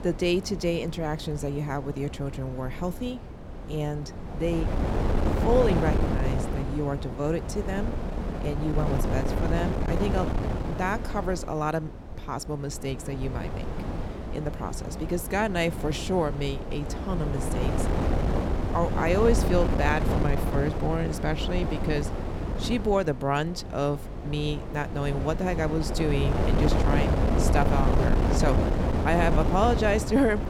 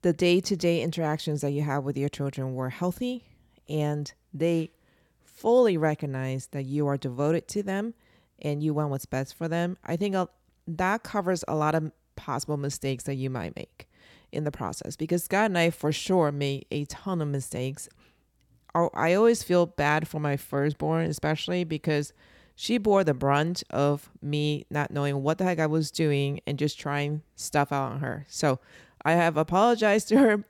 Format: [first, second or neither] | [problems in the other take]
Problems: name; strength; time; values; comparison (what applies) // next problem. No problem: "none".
second | wind noise on the microphone; heavy; 4 dB below the speech